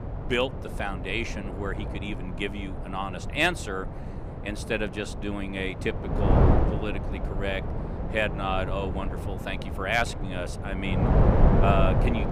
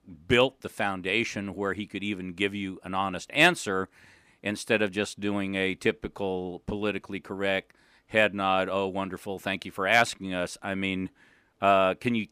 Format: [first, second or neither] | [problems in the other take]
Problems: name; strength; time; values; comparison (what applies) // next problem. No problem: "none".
second | wind noise on the microphone; heavy; 4 dB below the speech